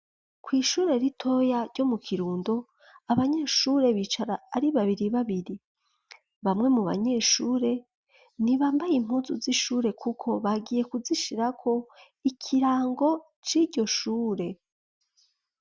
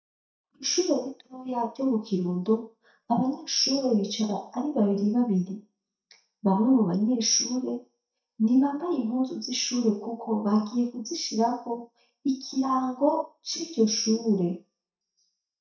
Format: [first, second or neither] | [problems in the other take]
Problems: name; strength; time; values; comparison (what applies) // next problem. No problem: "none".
first | noise reduction (neural mask model DeepFilterNet 3)